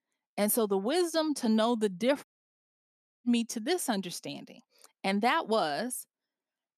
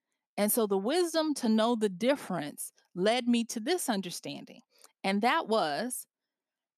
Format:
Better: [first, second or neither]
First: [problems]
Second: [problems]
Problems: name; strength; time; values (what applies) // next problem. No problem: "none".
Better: second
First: audio cutting out; at 2 s for 1 s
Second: none